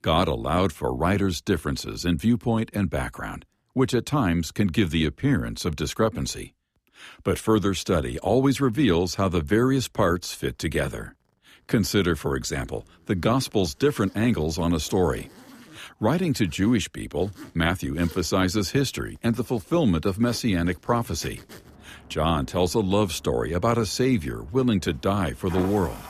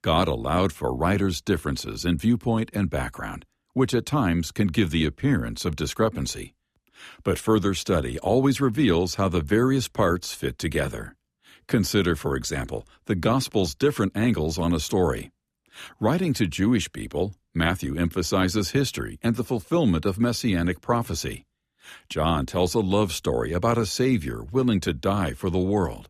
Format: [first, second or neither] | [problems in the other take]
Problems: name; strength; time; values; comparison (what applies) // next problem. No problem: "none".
second | household noises; faint; throughout; 20 dB below the speech